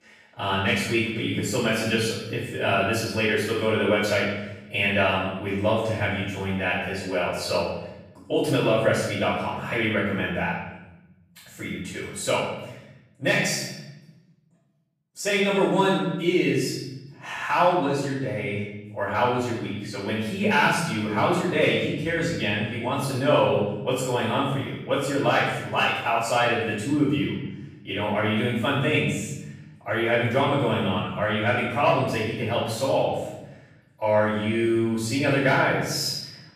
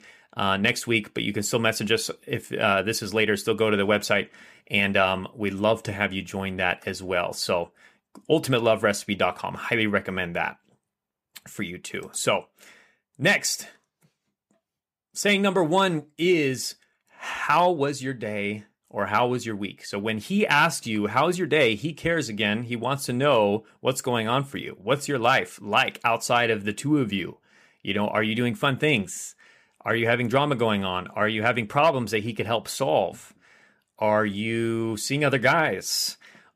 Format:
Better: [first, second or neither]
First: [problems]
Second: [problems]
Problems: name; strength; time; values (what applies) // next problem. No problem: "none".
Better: second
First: room echo; strong; dies away in 1.1 s // off-mic speech; far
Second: none